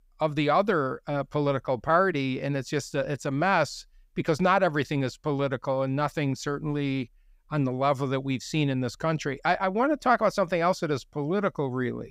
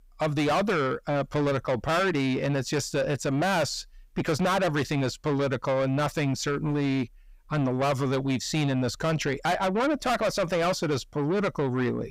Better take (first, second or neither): first